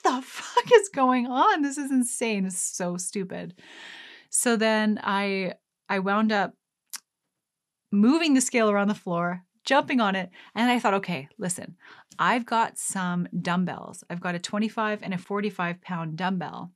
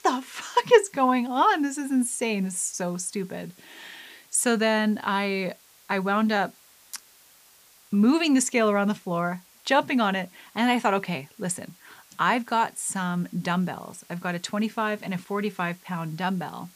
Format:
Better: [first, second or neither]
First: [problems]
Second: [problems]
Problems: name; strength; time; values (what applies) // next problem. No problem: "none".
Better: first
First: none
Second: hiss; faint; throughout; 25 dB below the speech